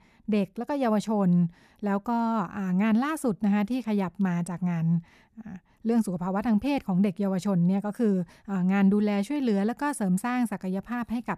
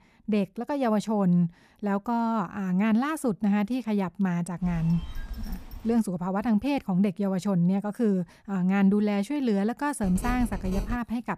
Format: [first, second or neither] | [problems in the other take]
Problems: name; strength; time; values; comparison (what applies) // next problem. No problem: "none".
first | phone ringing; faint; from 4.5 to 6 s; peak 15 dB below the speech // phone ringing; noticeable; at 10 s; peak 9 dB below the speech